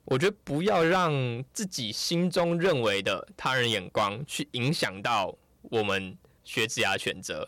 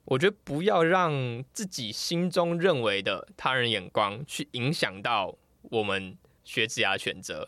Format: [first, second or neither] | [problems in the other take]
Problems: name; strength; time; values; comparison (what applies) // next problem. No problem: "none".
second | distortion; slight; 5% of the sound clipped